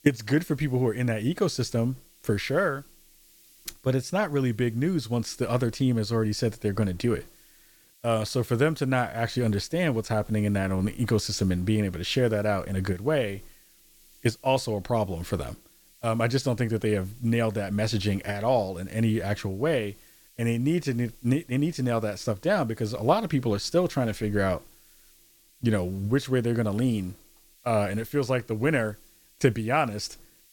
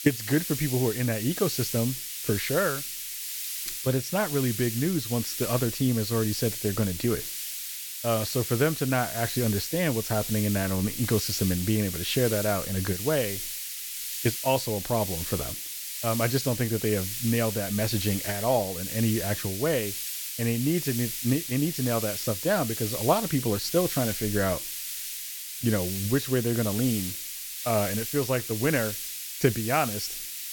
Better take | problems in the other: first | hiss; loud; throughout; 4 dB below the speech; faint in the first

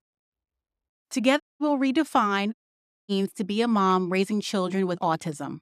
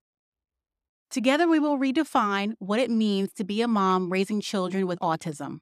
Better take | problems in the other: second | audio cutting out; at 1.5 s and at 2.5 s for 0.5 s

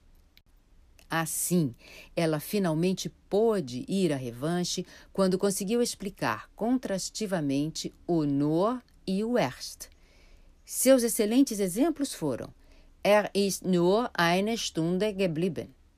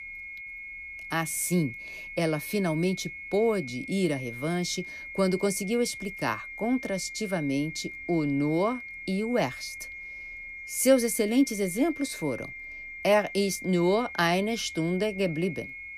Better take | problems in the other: first | high-pitched whine; noticeable; throughout; 2 kHz, 10 dB below the speech

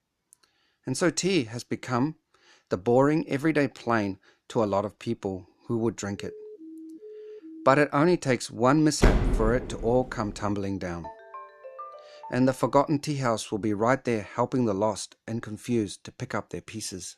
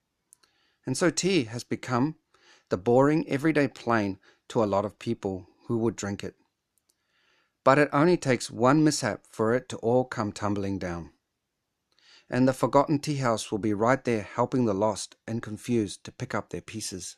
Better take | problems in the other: second | siren; faint; from 6 to 8 s; peak 15 dB below the speech // door banging; loud; at 9 s; peak 3 dB above the speech // phone ringing; faint; from 11 to 13 s; peak 15 dB below the speech

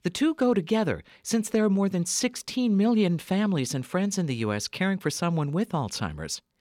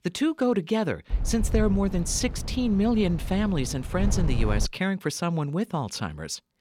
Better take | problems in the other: first | wind noise on the microphone; occasional gusts; from 1 to 4.5 s; 15 dB below the speech

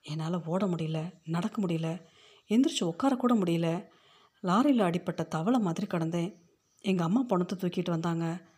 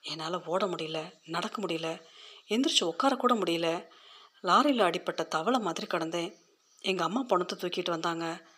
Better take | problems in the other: first | thin; somewhat; fading below 400 Hz

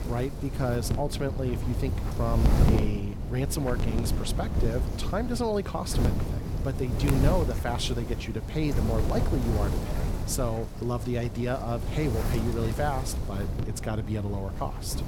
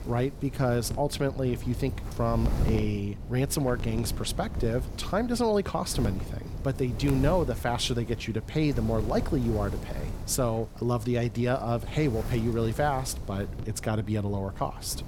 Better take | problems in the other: second | wind noise on the microphone; heavy; 5 dB below the speech; occasional gusts in the second

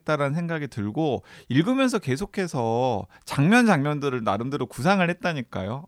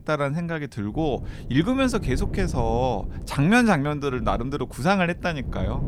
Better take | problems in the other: first | wind noise on the microphone; occasional gusts; 20 dB below the speech

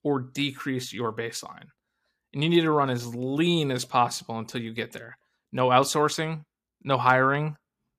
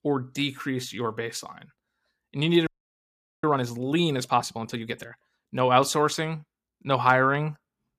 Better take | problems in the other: first | audio freezing; at 2.5 s for 1 s

